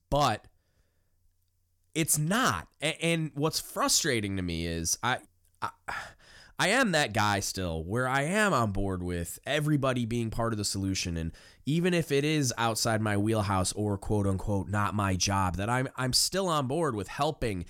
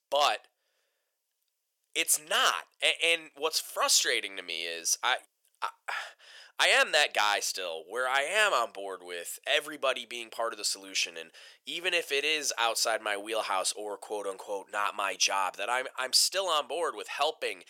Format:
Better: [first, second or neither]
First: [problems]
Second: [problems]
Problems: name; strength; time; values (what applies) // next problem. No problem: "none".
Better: first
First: none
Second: thin; very; fading below 500 Hz